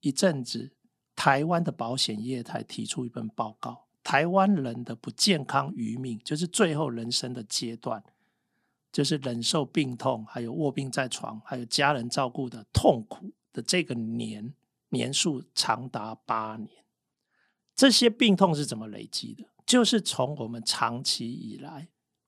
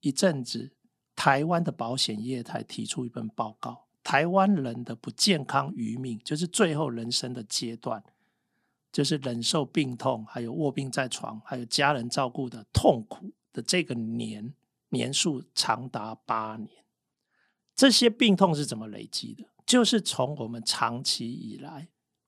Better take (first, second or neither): neither